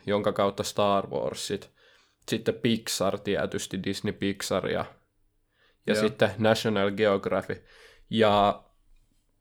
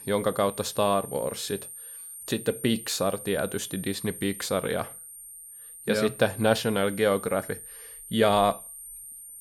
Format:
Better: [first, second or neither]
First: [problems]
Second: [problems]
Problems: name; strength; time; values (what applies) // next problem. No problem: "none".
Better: first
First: none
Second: high-pitched whine; noticeable; throughout; 9 kHz, 10 dB below the speech